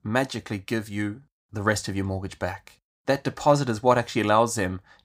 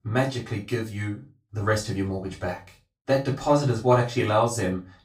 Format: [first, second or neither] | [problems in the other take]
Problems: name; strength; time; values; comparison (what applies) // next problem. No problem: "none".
first | off-mic speech; far // room echo; slight; dies away in 0.2 s